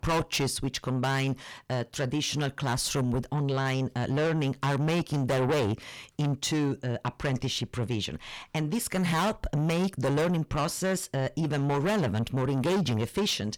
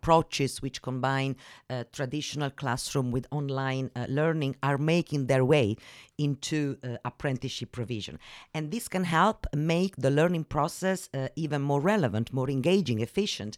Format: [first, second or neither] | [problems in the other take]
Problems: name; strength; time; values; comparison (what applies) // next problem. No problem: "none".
second | distortion; heavy; 5 dB below the speech